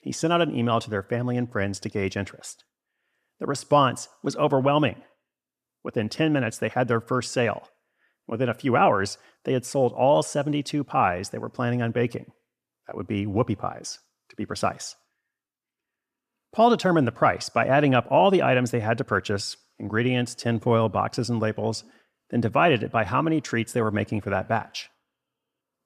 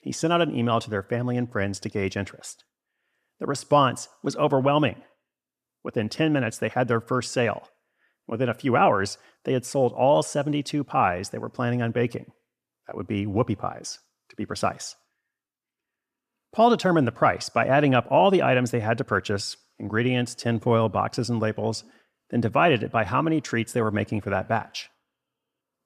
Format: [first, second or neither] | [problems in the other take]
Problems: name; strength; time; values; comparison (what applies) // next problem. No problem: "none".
neither | none